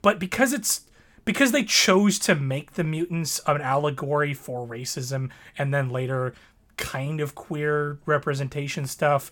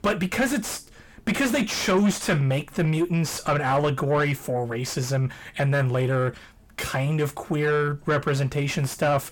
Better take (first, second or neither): first